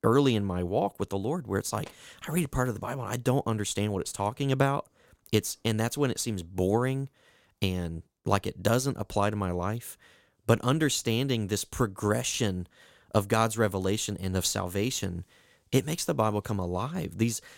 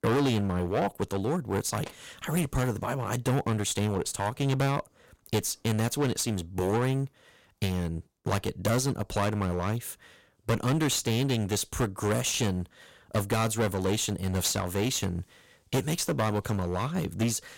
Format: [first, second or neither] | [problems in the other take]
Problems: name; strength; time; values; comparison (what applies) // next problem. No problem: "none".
first | distortion; heavy; 11% of the sound clipped